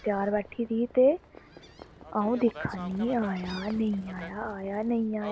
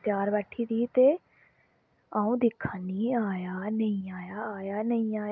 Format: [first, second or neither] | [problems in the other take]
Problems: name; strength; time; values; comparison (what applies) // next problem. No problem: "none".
second | background sound (Livestock, farm animals, working animals + Gull, seagull); 16 dB below the speech